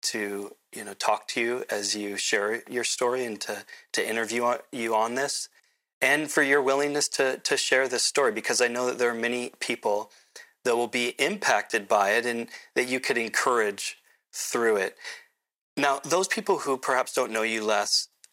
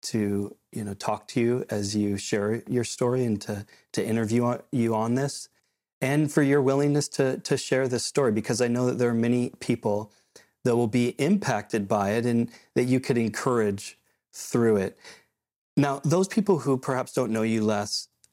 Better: second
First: thin; very; fading below 600 Hz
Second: none

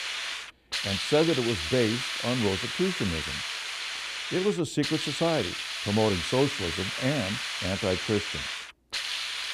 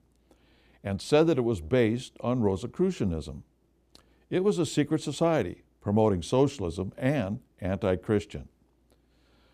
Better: second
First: hiss; loud; throughout; 2 dB below the speech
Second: none

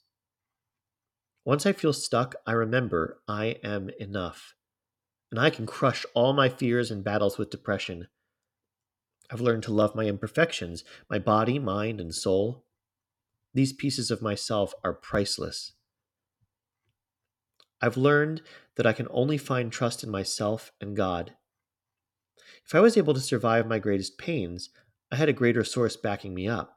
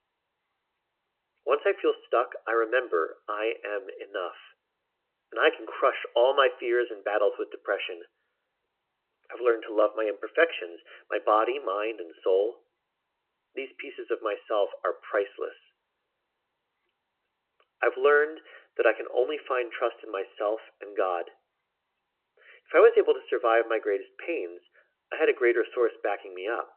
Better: first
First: none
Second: phone-call audio; nothing above 3 kHz

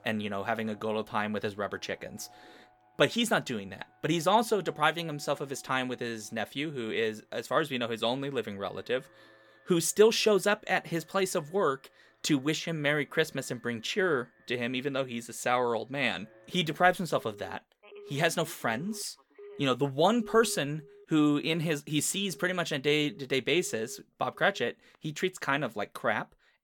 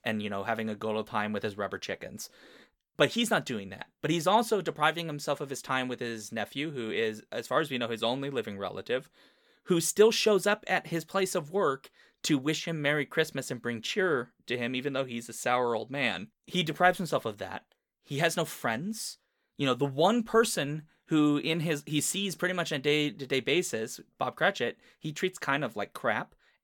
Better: second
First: alarms or sirens; faint; throughout; 25 dB below the speech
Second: none

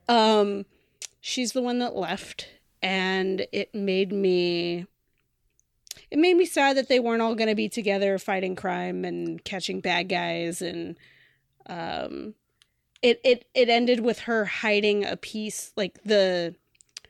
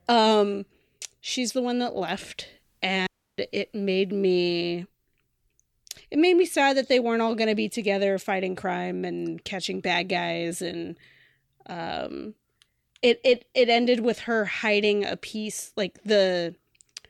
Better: first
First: none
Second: audio cutting out; at 3 s

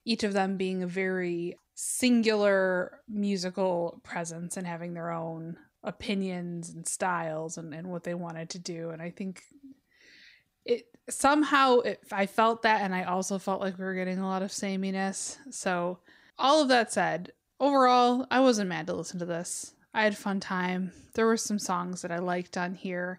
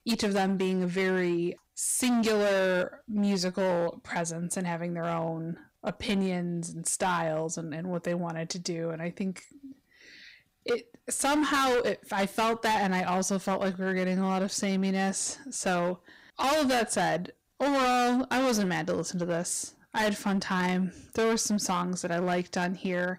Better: first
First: none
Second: distortion; heavy; 14% of the sound clipped

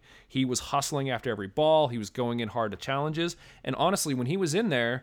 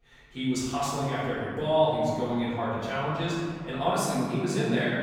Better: first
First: none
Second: room echo; strong; dies away in 1.8 s // off-mic speech; far

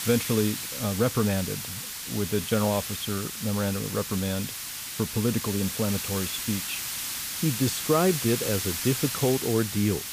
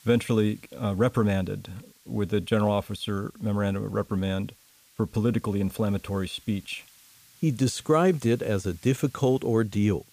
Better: second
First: hiss; loud; throughout; 3 dB below the speech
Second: hiss; faint; throughout; 25 dB below the speech

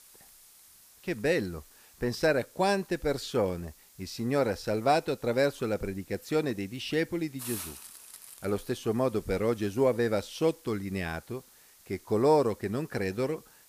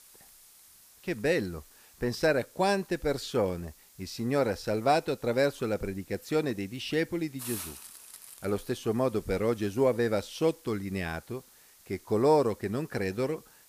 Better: neither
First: hiss; noticeable; throughout; 20 dB below the speech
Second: hiss; noticeable; throughout; 20 dB below the speech

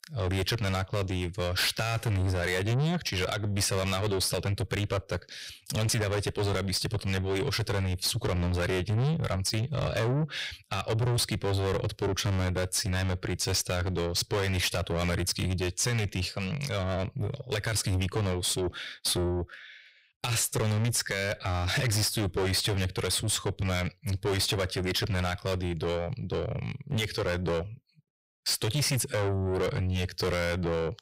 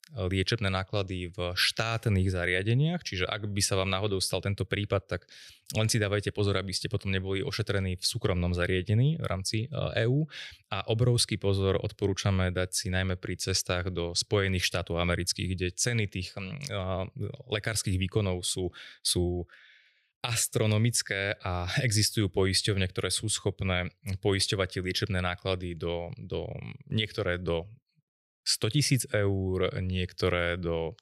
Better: second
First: distortion; heavy; 6 dB below the speech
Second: none

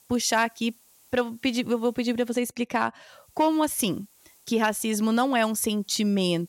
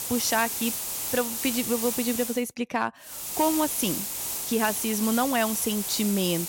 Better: first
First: hiss; faint; until 2.5 s and from 3 s on; 30 dB below the speech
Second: hiss; loud; until 2.5 s and from 3 s on; 2 dB below the speech

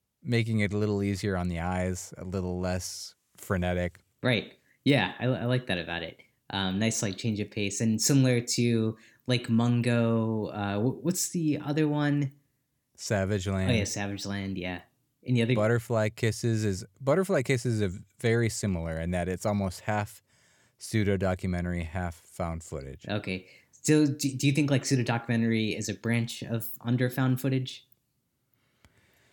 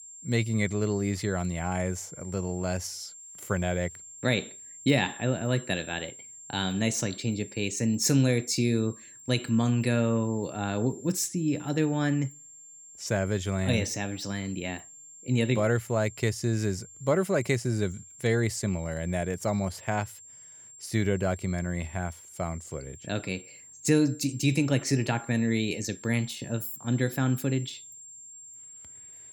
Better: first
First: none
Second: high-pitched whine; noticeable; throughout; 7.5 kHz, 15 dB below the speech

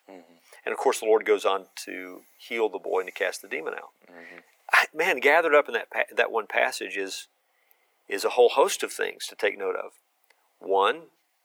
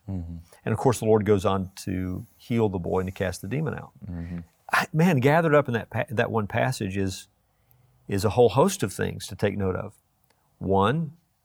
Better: second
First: thin; very; fading below 350 Hz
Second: none

